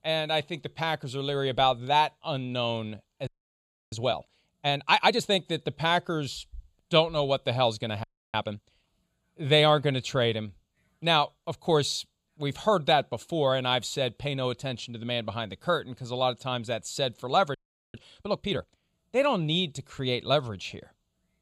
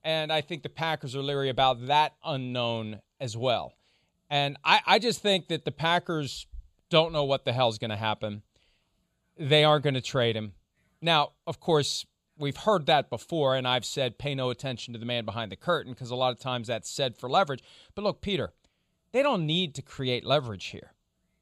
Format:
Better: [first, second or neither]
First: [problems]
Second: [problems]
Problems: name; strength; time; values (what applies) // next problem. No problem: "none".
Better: second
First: audio freezing; at 3.5 s for 0.5 s, at 8 s and at 18 s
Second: none